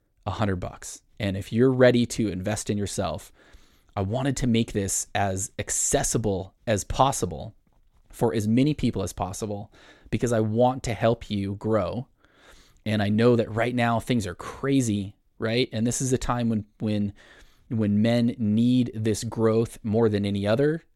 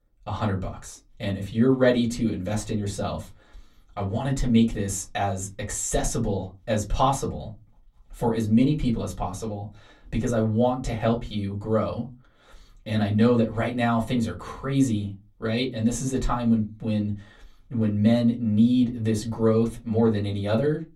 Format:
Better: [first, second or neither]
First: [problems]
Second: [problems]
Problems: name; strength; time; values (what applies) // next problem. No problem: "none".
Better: first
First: none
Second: off-mic speech; far // room echo; very slight; dies away in 0.2 s